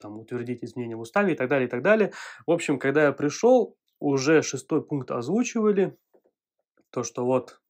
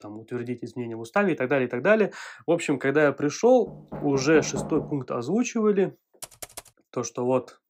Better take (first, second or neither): first